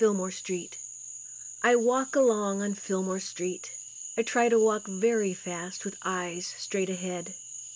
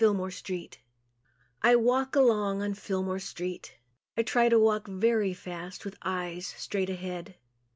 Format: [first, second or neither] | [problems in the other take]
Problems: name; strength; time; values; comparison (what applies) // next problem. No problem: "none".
second | background sound (Frog); 12 dB below the speech